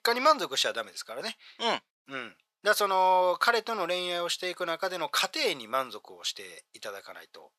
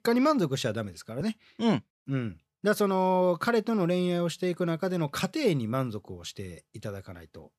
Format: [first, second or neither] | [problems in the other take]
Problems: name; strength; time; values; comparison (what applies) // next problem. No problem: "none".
second | thin; very; fading below 800 Hz